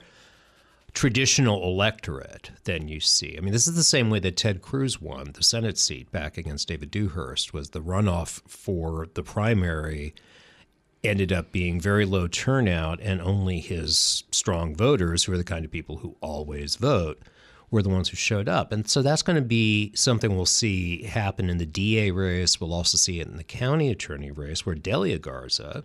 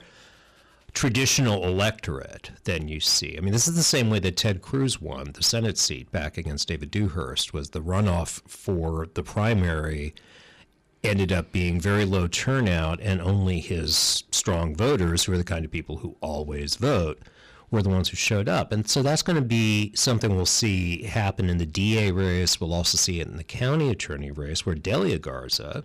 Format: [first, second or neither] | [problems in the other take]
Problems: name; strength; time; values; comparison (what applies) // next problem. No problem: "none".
first | distortion; slight; 8% of the sound clipped